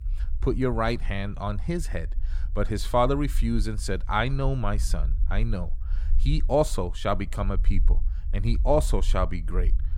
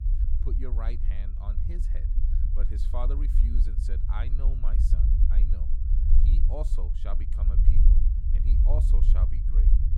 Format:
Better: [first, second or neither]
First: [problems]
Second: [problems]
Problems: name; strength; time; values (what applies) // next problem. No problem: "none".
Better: first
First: low rumble; faint; throughout; 25 dB below the speech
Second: low rumble; loud; throughout; 3 dB below the speech